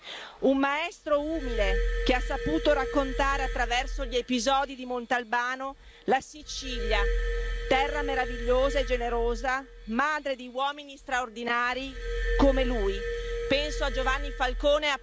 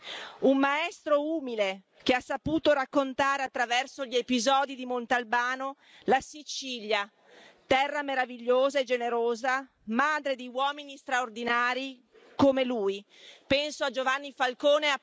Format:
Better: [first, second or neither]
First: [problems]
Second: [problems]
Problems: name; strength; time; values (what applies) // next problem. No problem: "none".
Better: second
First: background sound (Glass); 4 dB below the speech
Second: none